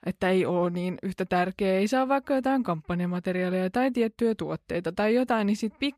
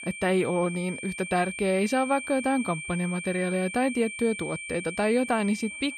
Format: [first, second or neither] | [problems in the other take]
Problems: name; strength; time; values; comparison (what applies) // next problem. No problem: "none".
first | high-pitched whine; loud; throughout; 2.5 kHz, 8 dB below the speech